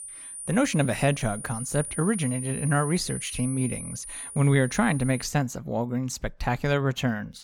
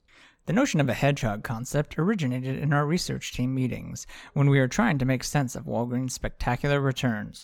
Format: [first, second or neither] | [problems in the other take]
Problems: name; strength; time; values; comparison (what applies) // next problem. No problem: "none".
second | high-pitched whine; loud; until 5 s; 9.5 kHz, 9 dB below the speech